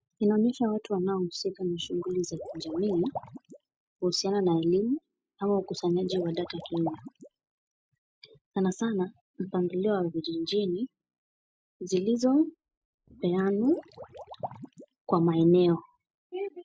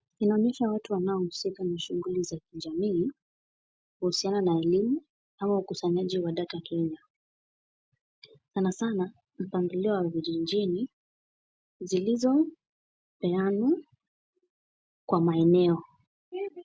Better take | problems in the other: second | noise reduction (classical method spectral subtraction)

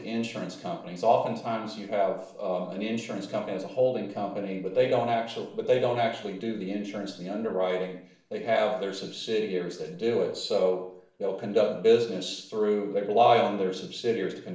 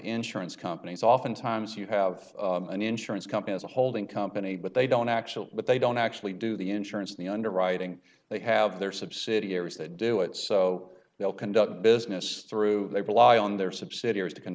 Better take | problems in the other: second | room echo; dies away in 0.6 s

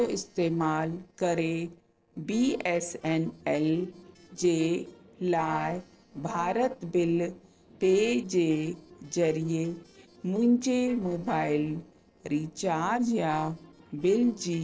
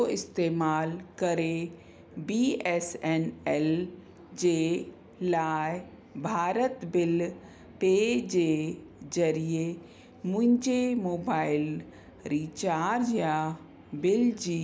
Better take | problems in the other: second | noise reduction (neural separator model SepFormer DNS4)

